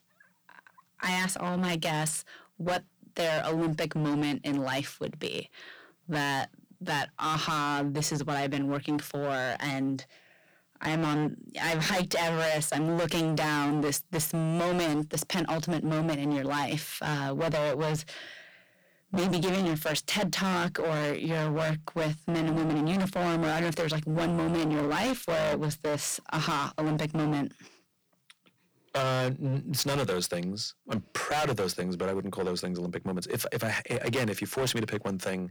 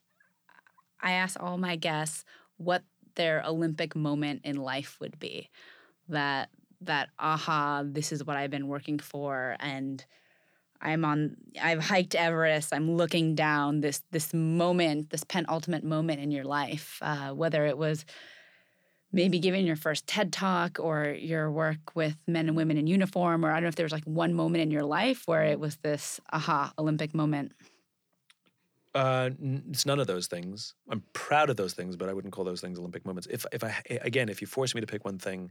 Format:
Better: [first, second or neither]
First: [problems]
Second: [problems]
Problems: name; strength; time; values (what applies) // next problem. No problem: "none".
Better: second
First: distortion; heavy; 23% of the sound clipped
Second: none